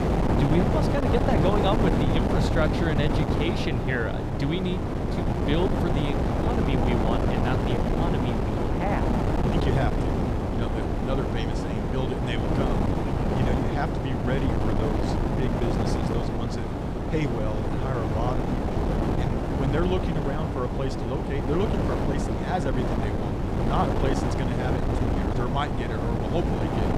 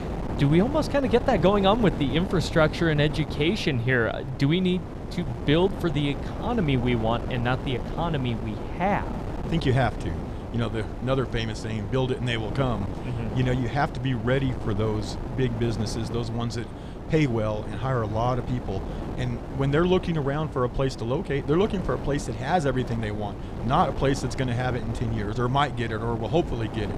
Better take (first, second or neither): second